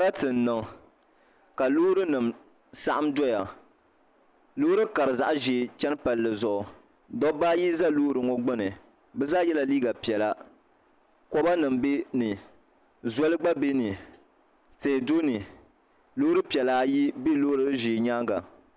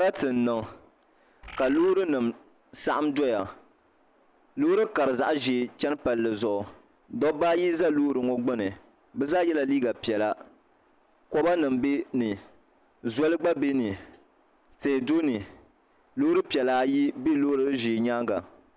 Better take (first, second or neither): first